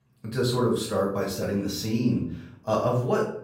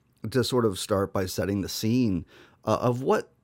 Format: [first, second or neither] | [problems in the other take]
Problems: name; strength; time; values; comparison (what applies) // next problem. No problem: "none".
second | off-mic speech; far // room echo; noticeable; dies away in 0.5 s